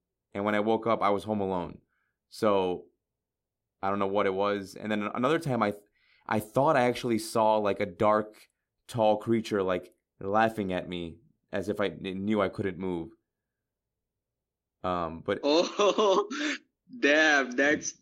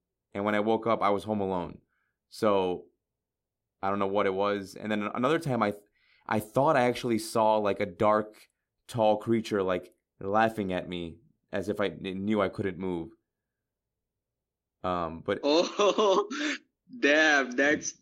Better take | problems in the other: neither | none

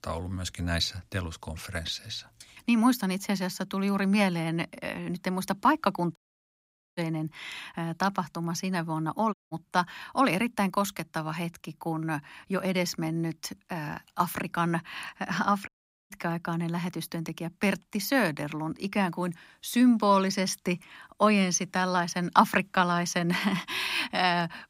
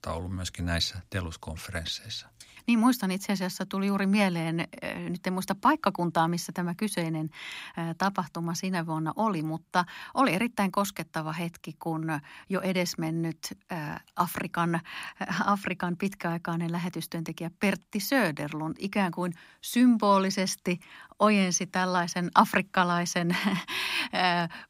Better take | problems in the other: second | audio cutting out; at 6 s for 1 s, at 9.5 s and at 16 s

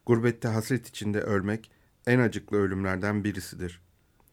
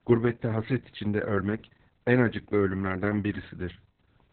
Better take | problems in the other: first | garbled, watery; badly; nothing above 4 kHz

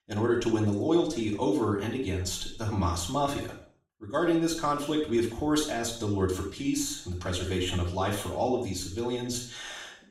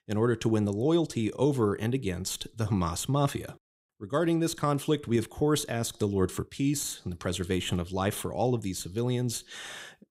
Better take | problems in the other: second | room echo; noticeable; dies away in 0.5 s // off-mic speech; far

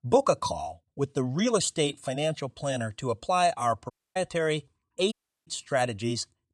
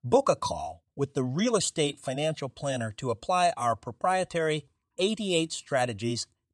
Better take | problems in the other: second | audio cutting out; at 4 s and at 5 s

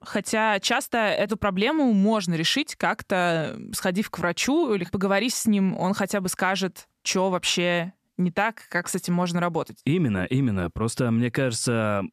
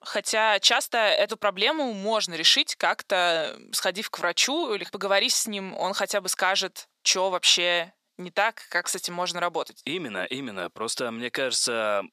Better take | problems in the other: first | thin; somewhat; fading below 500 Hz

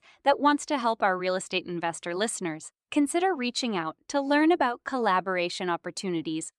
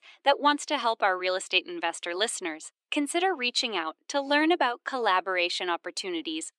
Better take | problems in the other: first | thin; very slightly; fading below 300 Hz

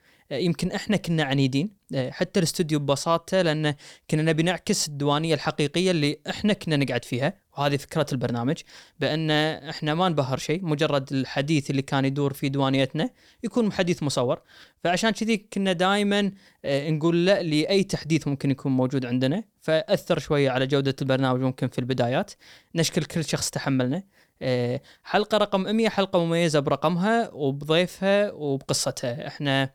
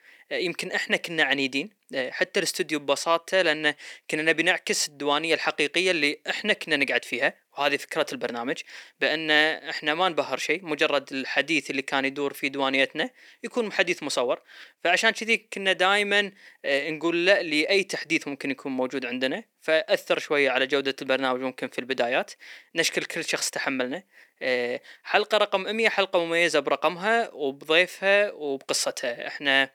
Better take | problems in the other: first | thin; somewhat; fading below 300 Hz

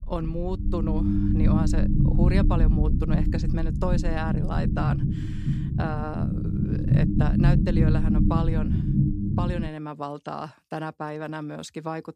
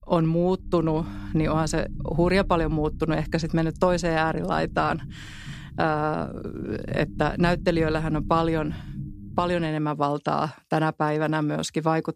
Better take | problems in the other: second | low rumble; loud; until 9.5 s; as loud as the speech; faint in the second

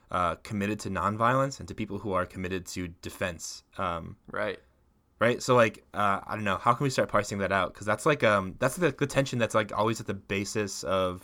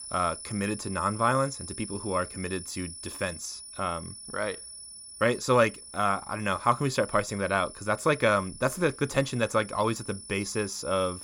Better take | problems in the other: first | high-pitched whine; noticeable; throughout; 10 kHz, 15 dB below the speech

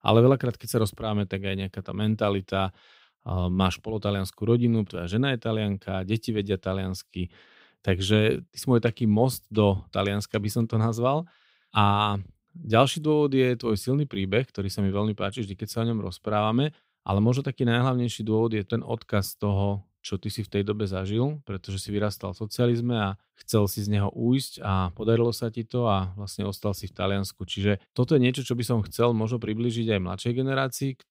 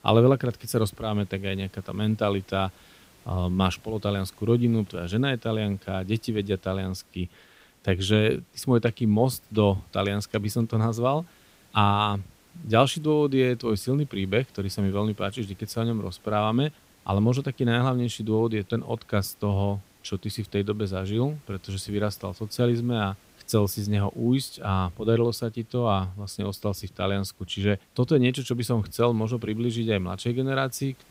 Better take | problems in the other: first | hiss; faint; throughout; 30 dB below the speech

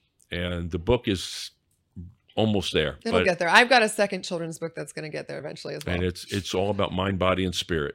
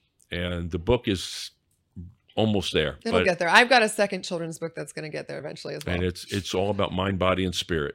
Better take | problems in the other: neither | none

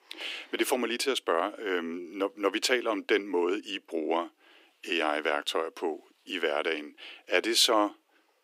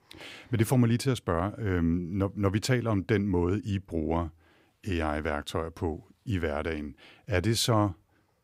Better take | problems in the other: second | thin; very; fading below 300 Hz

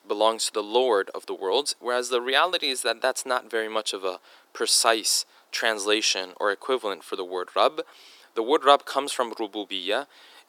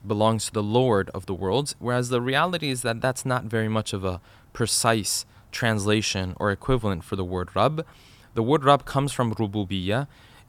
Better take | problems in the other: second | thin; very; fading below 350 Hz

